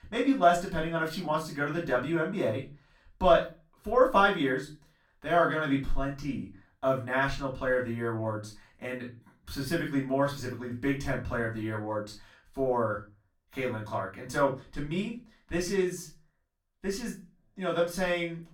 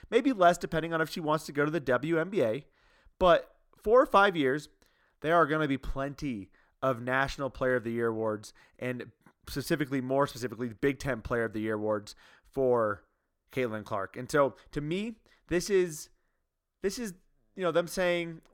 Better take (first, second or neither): second